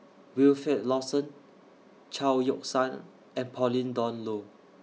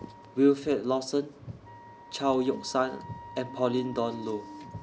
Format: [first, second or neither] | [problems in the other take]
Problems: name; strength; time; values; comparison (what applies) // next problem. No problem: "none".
first | background sound (Wind instrument, woodwind instrument + Car); 15 dB below the speech